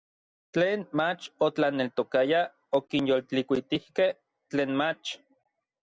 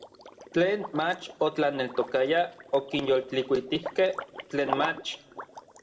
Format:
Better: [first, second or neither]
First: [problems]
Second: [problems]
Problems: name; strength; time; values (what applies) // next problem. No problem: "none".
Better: first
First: none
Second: background sound (Liquid); 12 dB below the speech // room echo; dies away in 0.5 s